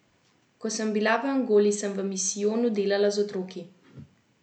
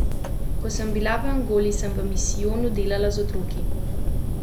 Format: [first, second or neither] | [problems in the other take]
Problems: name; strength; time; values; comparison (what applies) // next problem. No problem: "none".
first | background sound (Fire); 4 dB above the speech